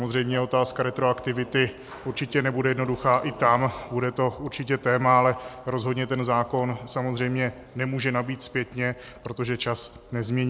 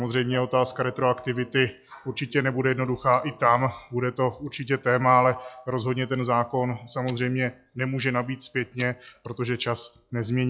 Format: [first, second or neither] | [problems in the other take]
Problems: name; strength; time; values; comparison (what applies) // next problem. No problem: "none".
first | noise reduction (classical method log-MMSE)